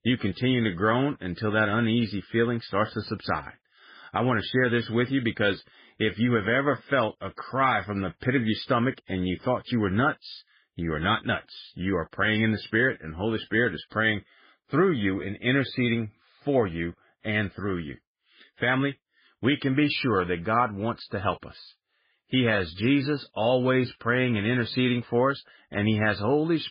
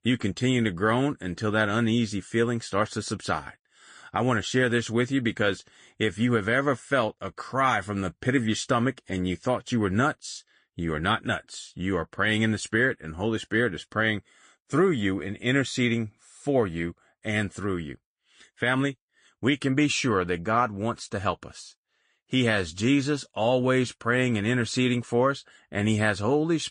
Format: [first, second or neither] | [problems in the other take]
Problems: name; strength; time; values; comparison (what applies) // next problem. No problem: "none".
second | garbled, watery; badly; nothing above 5 kHz; slightly in the second